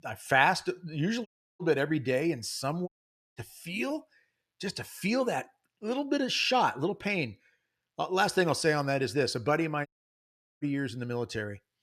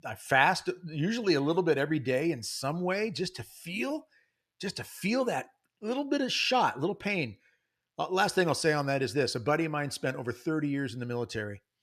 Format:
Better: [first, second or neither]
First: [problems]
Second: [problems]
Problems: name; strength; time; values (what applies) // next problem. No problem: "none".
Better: second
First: audio cutting out; at 1.5 s, at 3 s and at 10 s for 1 s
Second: none